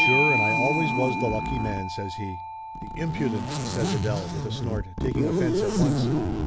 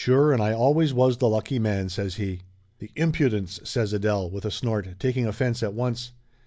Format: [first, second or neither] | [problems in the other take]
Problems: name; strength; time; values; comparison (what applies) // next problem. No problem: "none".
second | background sound (Zipper (clothing) + Bell / Doorbell); 4 dB above the speech